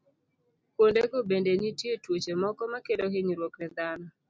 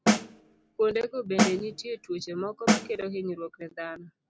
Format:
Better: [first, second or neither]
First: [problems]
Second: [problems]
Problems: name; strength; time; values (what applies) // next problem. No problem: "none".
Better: first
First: none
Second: background sound (Snare drum); 3 dB above the speech